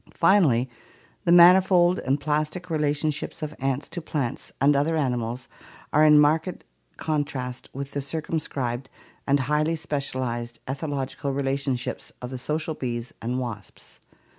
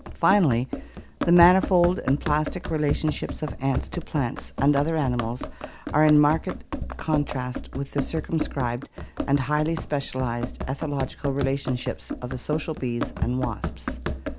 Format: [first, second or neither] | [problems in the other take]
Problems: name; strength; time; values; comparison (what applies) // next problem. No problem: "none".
first | background sound (Run); 7 dB below the speech